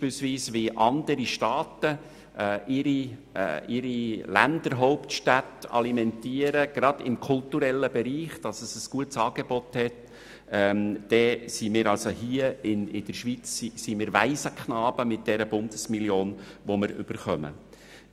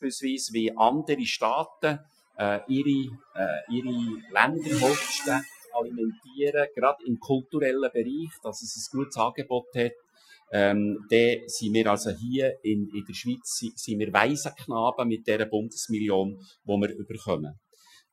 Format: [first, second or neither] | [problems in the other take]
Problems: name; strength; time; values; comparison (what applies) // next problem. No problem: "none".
first | noise reduction (classical method Wiener filter)